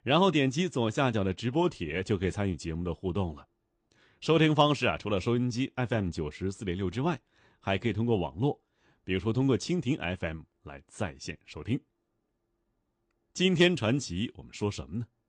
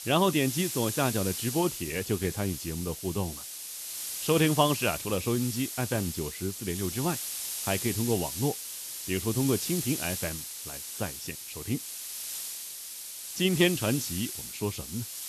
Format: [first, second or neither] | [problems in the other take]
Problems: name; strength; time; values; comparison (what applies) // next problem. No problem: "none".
first | hiss; loud; throughout; 5 dB below the speech